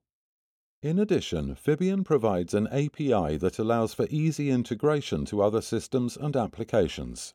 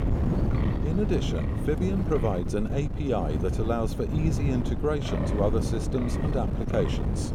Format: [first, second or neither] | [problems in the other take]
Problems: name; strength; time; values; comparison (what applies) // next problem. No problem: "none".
first | wind noise on the microphone; heavy; 5 dB below the speech